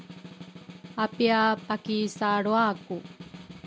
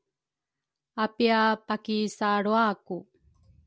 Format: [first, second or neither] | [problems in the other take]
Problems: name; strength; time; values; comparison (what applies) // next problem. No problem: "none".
second | background sound (Snare drum); 16 dB below the speech